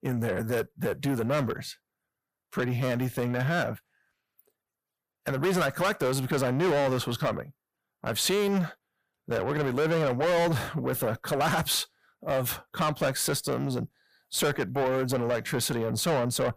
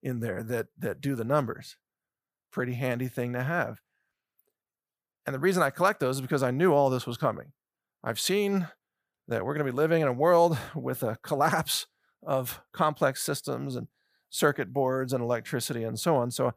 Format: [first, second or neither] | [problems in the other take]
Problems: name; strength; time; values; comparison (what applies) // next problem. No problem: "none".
second | distortion; heavy; 6 dB below the speech